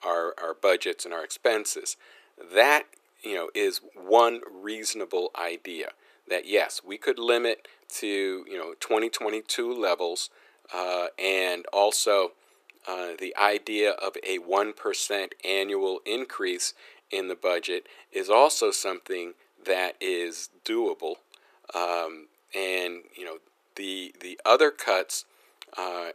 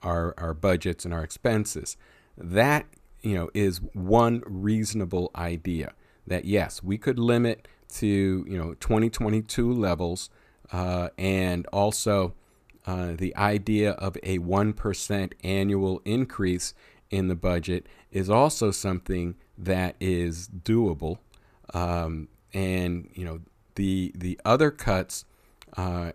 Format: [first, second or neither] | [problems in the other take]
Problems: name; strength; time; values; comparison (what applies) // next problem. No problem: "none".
second | thin; very; fading below 350 Hz